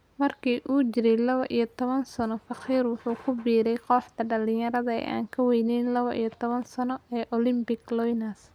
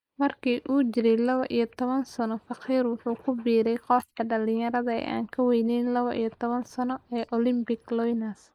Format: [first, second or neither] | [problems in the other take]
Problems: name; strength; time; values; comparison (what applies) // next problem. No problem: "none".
first | noise reduction (neural mask model Resemble Enhance denoiser)